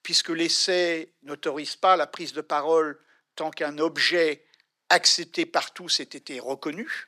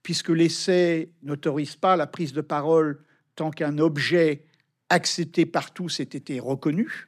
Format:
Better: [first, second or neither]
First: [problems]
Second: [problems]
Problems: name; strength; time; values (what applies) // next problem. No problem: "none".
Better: second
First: thin; somewhat; fading below 550 Hz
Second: none